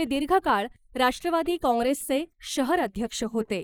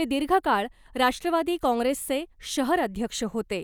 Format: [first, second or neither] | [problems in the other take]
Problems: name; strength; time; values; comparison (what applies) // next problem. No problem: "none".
second | noise reduction (neural mask model Resemble Enhance denoiser)